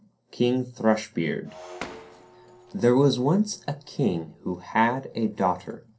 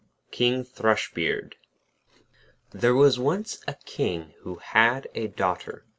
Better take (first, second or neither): second